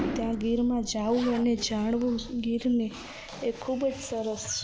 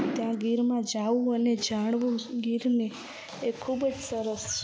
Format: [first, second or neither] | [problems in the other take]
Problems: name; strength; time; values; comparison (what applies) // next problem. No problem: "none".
second | background sound (Explosion + Zipper (clothing)); 16 dB below the speech